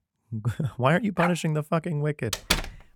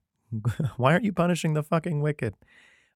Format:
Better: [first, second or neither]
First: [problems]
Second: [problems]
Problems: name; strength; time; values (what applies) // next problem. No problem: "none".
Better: second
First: dog barking; noticeable; at 1 s; peak 4 dB below the speech // door banging; loud; at 2.5 s; peak 1 dB above the speech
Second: none